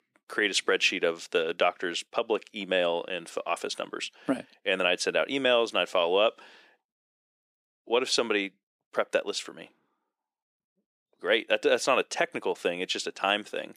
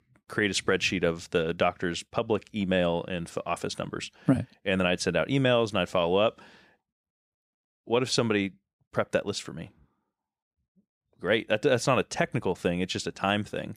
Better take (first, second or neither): second